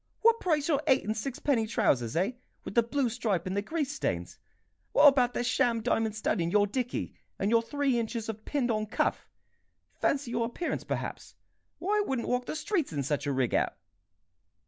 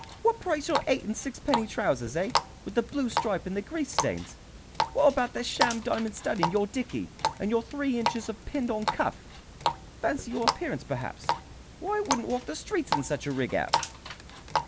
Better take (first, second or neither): first